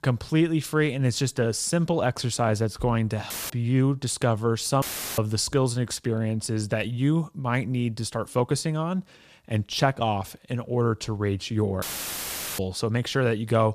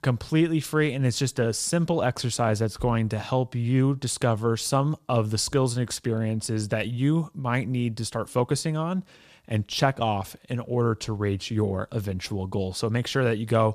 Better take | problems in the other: second | audio cutting out; filled with static; at 3.5 s, at 5 s and at 12 s for 1 s

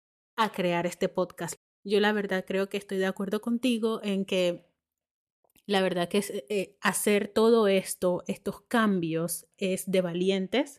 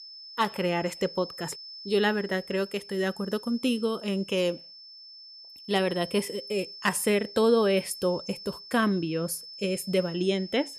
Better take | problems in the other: first | high-pitched whine; noticeable; throughout; 5.5 kHz, 15 dB below the speech

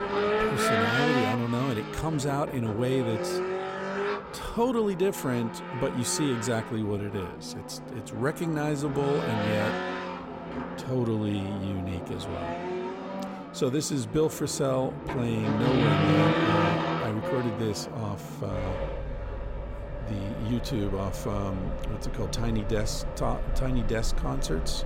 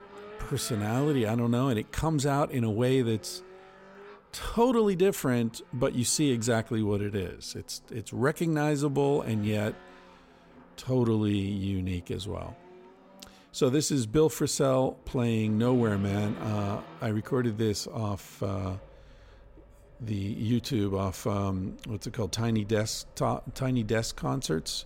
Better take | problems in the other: second | traffic noise; loud; throughout; 1 dB below the speech; faint in the second

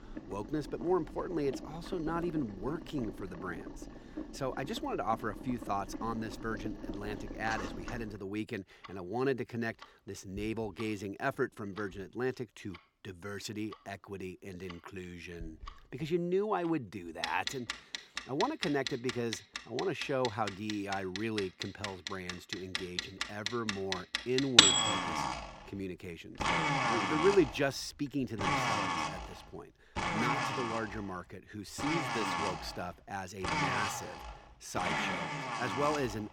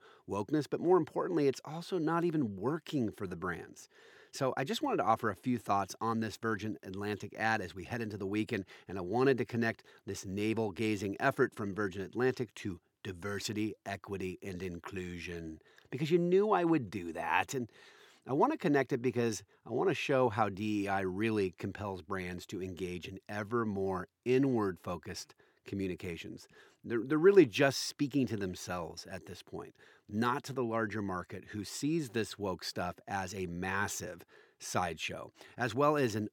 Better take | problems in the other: second | household noises; very loud; throughout; 2 dB above the speech

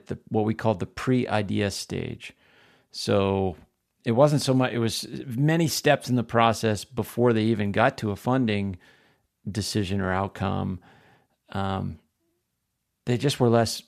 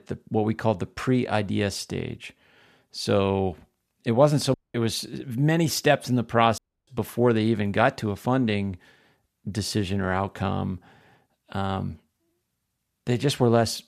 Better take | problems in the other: first | audio cutting out; at 4.5 s and at 6.5 s

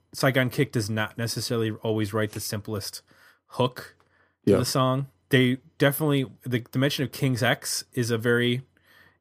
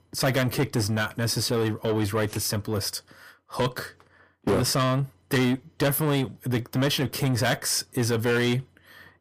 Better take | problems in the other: first | distortion; heavy; 7 dB below the speech

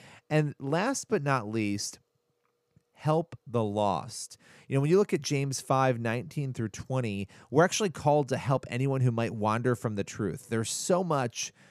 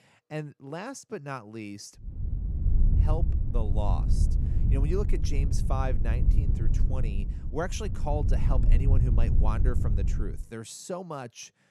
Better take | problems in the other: first | low rumble; loud; from 2 to 10 s; 6 dB below the speech

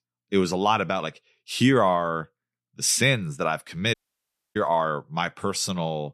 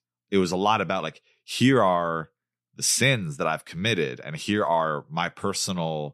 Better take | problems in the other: second | audio cutting out; at 4 s for 0.5 s

